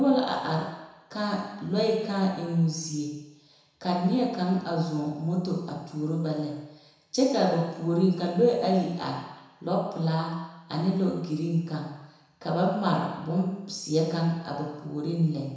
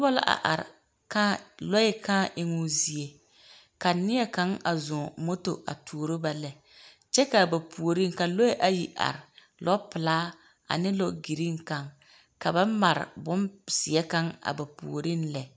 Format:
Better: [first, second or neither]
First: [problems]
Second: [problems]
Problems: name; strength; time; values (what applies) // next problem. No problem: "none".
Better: second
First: room echo; dies away in 1 s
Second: none